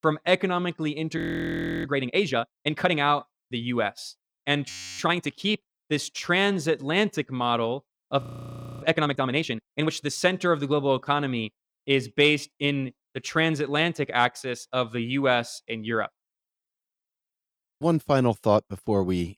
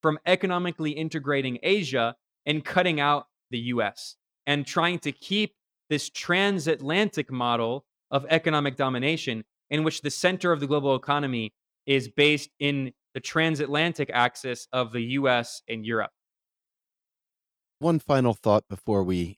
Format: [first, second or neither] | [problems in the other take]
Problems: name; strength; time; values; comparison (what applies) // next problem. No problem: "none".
second | audio freezing; at 1 s for 0.5 s, at 4.5 s and at 8 s for 0.5 s